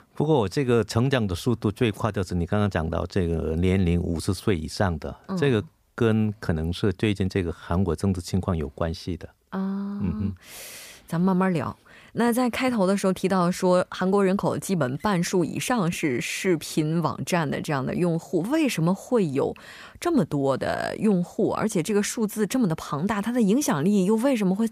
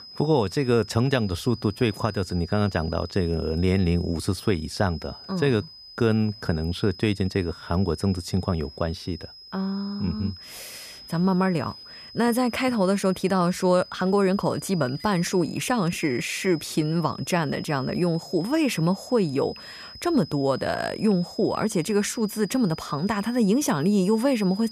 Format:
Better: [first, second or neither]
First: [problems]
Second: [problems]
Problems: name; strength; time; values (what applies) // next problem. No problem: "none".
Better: first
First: none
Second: high-pitched whine; noticeable; throughout; 5 kHz, 15 dB below the speech